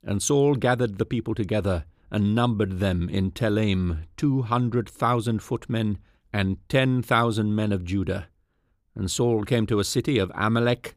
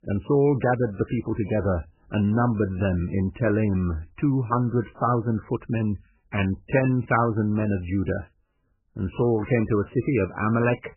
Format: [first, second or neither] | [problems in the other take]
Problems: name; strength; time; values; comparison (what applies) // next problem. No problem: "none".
first | garbled, watery; badly; nothing above 3 kHz